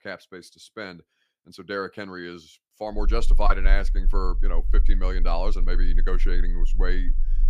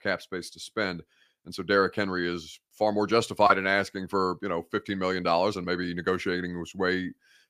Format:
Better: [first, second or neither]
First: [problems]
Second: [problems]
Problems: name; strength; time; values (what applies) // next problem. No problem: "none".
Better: second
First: low rumble; faint; from 3 s on; 20 dB below the speech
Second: none